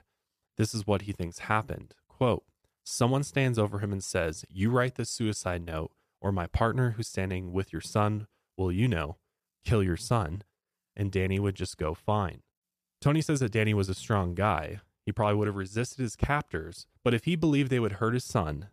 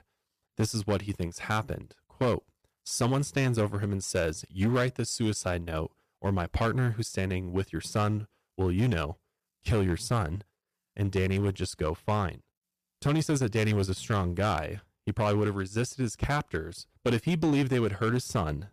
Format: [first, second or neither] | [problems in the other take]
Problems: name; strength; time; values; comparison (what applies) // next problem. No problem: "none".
first | distortion; slight; 6% of the sound clipped